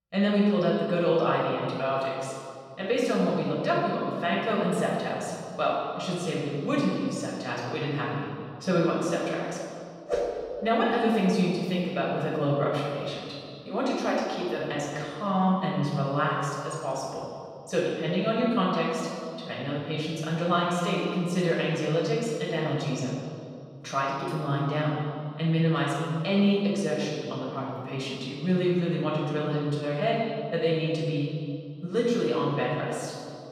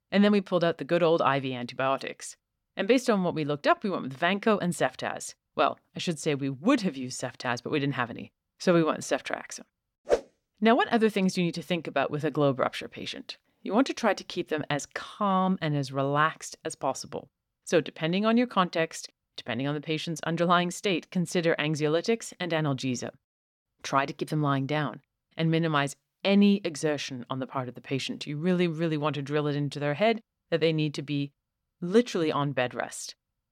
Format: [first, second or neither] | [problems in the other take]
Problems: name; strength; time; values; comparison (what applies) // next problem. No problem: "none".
second | off-mic speech; far // room echo; strong; dies away in 2 s